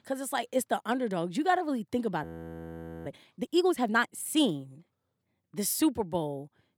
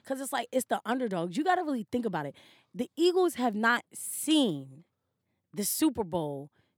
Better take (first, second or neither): second